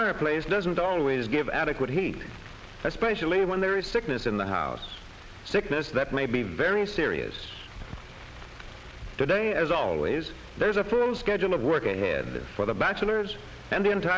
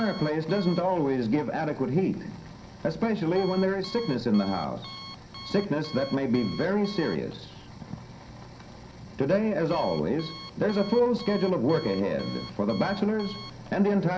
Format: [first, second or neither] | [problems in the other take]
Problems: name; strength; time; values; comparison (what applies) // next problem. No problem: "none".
first | background sound (Alarm); 18 dB below the speech // room echo; dies away in 0.3 s